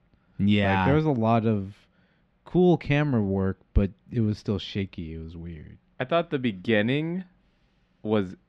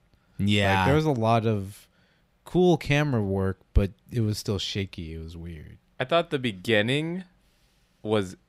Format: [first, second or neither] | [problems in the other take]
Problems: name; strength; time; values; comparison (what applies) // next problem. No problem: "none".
second | muffled; slightly; fading above 3 kHz